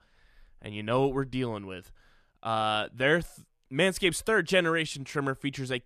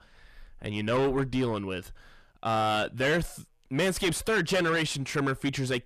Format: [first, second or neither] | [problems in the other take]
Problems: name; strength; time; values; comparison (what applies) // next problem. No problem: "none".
first | distortion; heavy; 6 dB below the speech